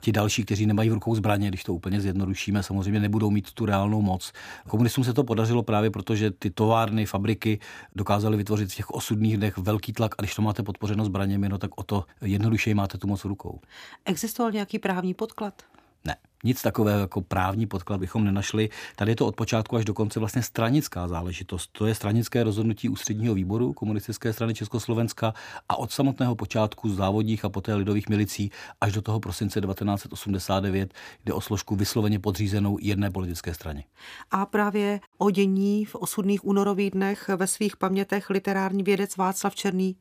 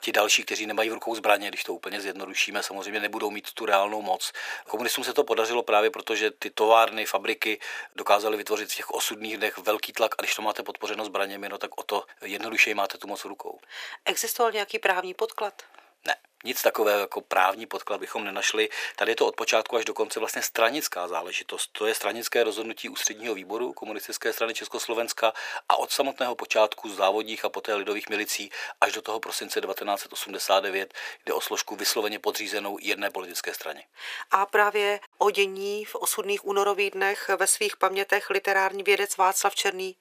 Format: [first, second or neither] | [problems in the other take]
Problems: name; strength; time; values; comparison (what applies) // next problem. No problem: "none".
first | thin; very; fading below 450 Hz